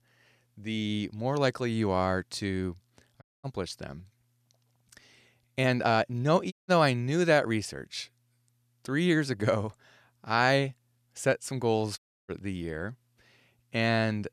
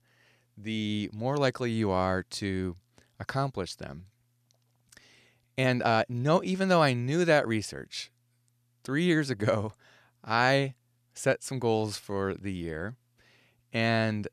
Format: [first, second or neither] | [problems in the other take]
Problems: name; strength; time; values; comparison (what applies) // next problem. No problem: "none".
second | audio cutting out; at 3 s, at 6.5 s and at 12 s